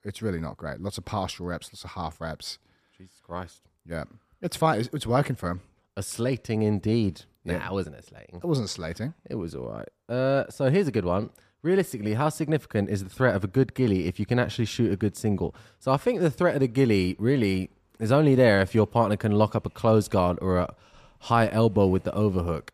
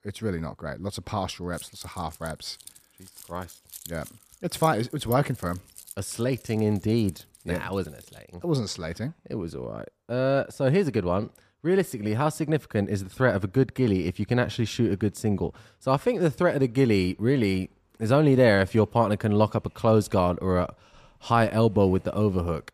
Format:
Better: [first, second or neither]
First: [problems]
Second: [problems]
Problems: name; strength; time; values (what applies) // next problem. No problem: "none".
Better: first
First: none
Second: jangling keys; faint; from 1.5 to 8 s; peak 15 dB below the speech